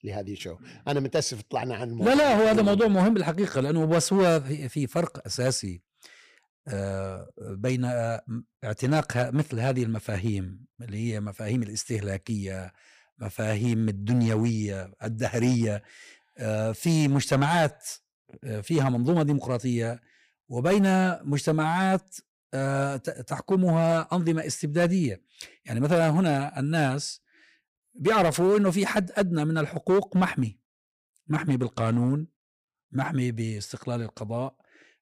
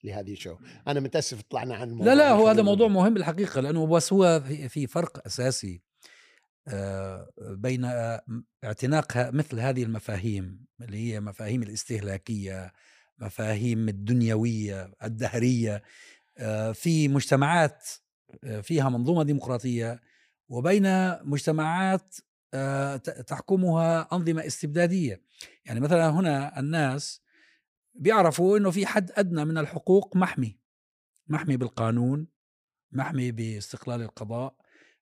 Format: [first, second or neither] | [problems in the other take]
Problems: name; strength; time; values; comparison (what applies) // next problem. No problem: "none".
second | distortion; slight; 5% of the sound clipped